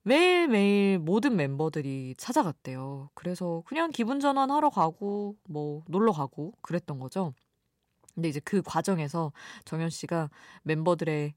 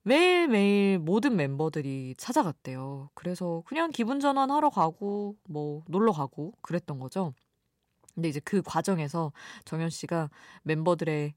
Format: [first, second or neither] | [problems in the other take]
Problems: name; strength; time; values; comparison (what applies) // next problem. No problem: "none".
neither | none